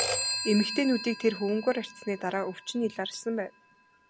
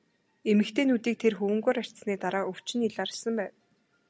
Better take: second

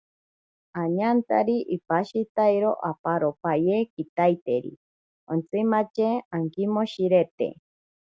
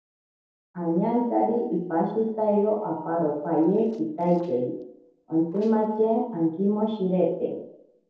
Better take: first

